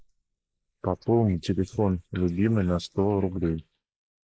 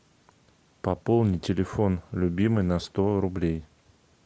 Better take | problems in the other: second | noise reduction (neural mask model Resemble Enhance denoiser)

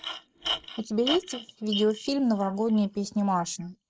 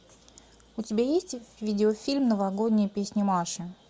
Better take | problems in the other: second | noise reduction (neural mask model Resemble Enhance denoiser)

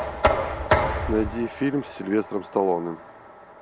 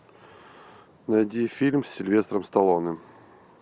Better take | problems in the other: second | background sound (Knock); as loud as the speech

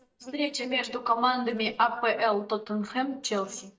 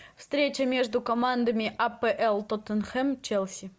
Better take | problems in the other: second | noise reduction (neural mask model DeepFilterNet 3)

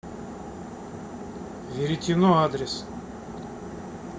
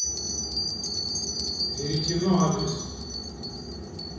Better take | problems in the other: first | background sound (Bell); 3 dB below the speech // room echo; dies away in 1.1 s

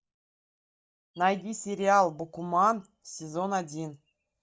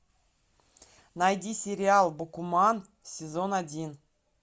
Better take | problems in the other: second | noise reduction (neural mask model DeepFilterNet 3)

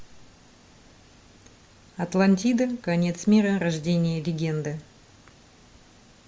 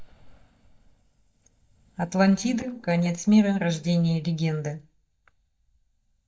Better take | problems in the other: first | noise reduction (neural mask model DeepFilterNet 3)

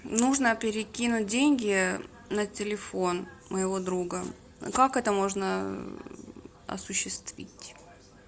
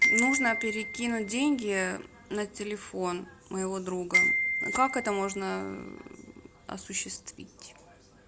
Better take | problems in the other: first | background sound (Glockenspiel); as loud as the speech

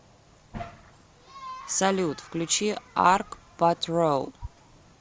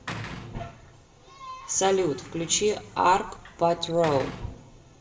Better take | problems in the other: first | background sound (Sliding door / Slam); 14 dB below the speech // room echo; dies away in 0.6 s

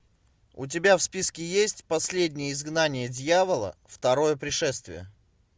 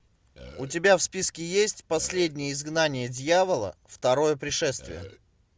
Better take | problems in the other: first | background sound (Burping, eructation); 18 dB below the speech

